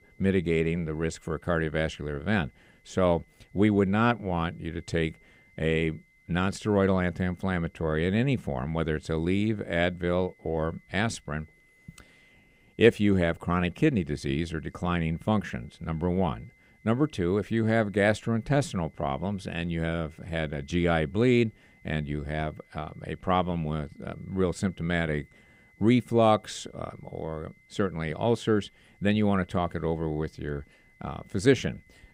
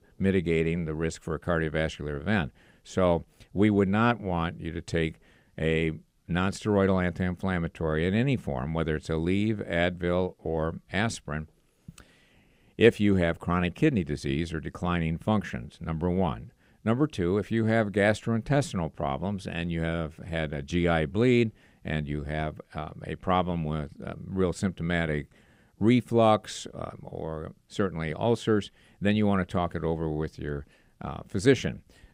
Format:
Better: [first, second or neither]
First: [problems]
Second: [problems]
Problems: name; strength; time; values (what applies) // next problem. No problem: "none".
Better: second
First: high-pitched whine; faint; throughout; 2 kHz, 35 dB below the speech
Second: none